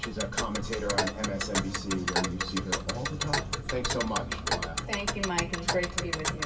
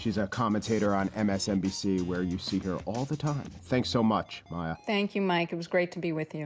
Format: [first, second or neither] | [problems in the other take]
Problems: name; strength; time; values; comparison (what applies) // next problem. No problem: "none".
second | background sound (Tick); 2 dB above the speech // room echo; dies away in 2.4 s